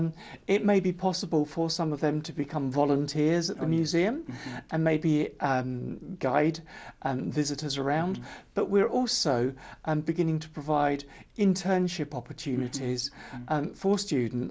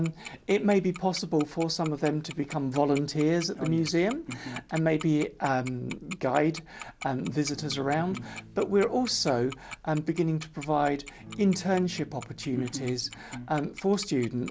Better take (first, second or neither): first